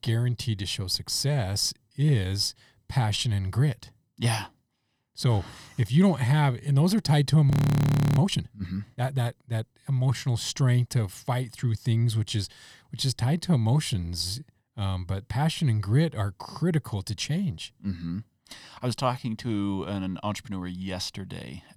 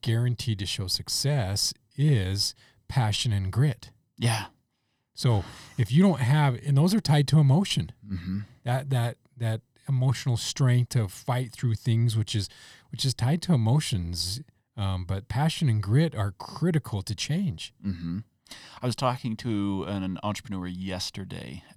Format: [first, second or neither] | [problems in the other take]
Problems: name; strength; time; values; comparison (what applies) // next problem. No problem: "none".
second | audio freezing; at 7.5 s for 0.5 s